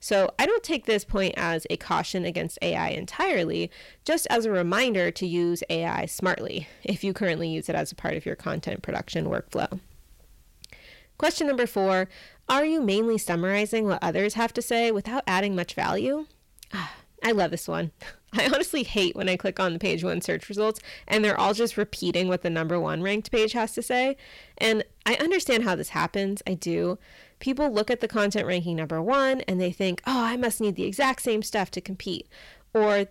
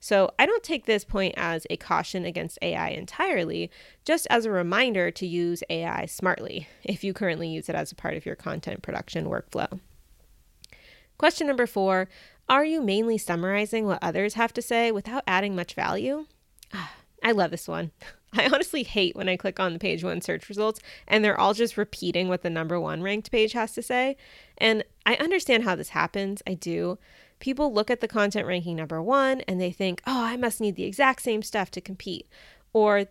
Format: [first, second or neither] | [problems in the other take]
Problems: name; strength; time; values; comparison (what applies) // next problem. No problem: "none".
second | distortion; slight; 10 dB below the speech